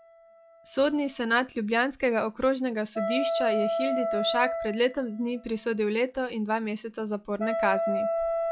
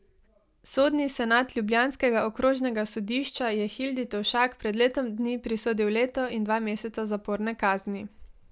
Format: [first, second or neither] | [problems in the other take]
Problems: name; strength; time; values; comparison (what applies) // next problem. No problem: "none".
second | noise reduction (classical method log-MMSE)